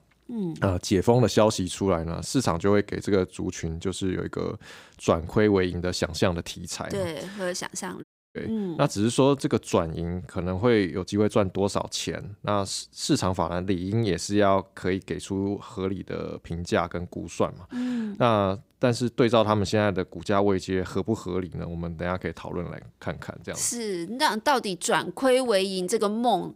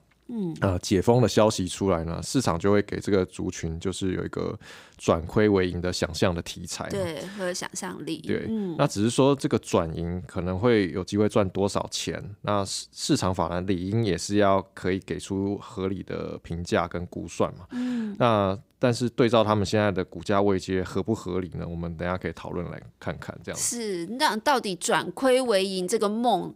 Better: second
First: audio cutting out; at 8 s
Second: none

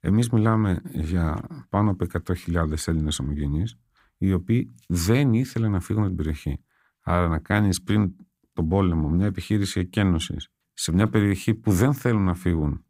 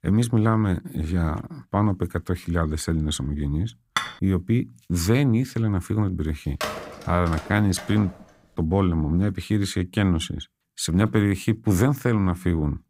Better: first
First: none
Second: clattering dishes; noticeable; at 4 s; peak 4 dB below the speech // phone ringing; noticeable; from 6.5 to 8 s; peak 6 dB below the speech

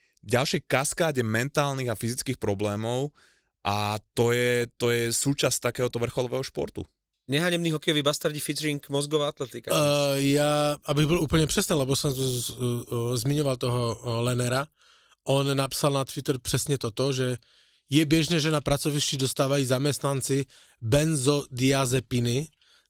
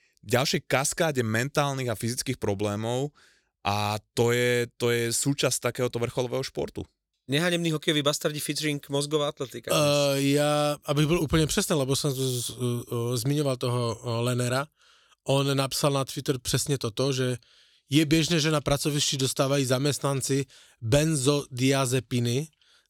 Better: second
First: garbled, watery; slightly; nothing above 19 kHz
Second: none

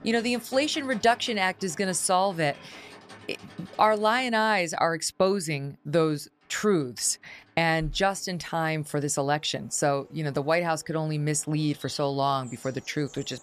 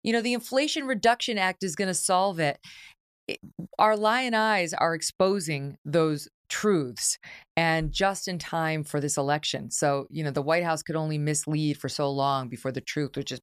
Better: second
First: animal sounds; faint; throughout; 25 dB below the speech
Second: none

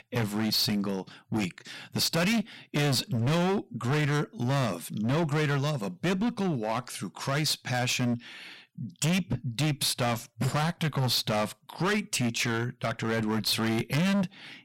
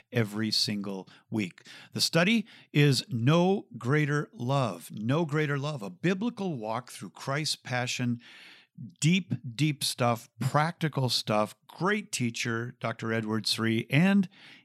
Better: second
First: distortion; heavy; 20% of the sound clipped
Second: none

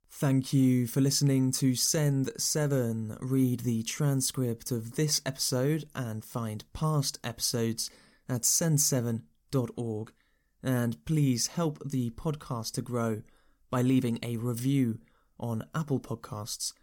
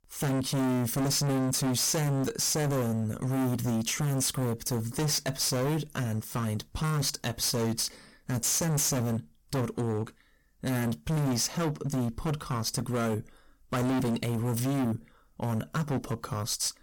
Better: first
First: none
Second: distortion; heavy; 27% of the sound clipped

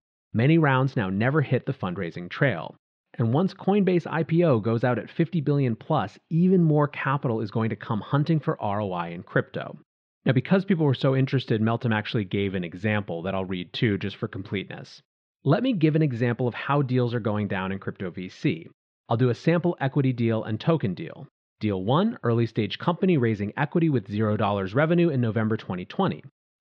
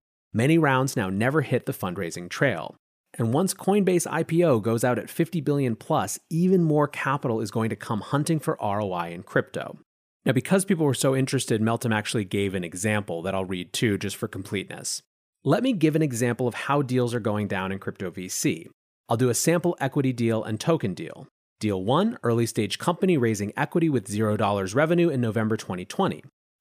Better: second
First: muffled; slightly; fading above 4 kHz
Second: none

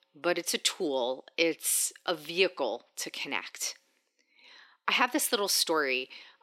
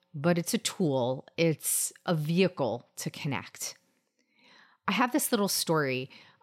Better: second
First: thin; somewhat; fading below 300 Hz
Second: none

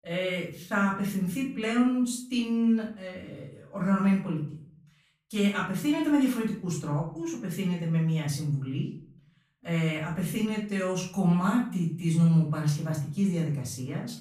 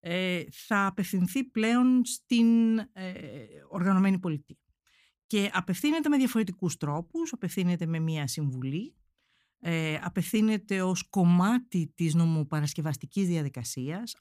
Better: second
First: room echo; noticeable; dies away in 0.4 s // off-mic speech; far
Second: none

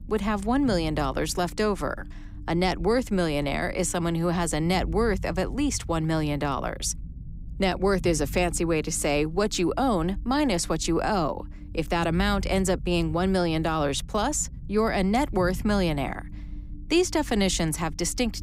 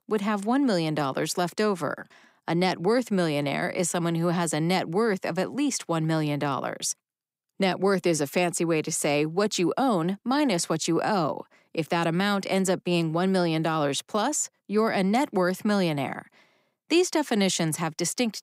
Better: second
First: low rumble; faint; throughout; 25 dB below the speech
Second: none

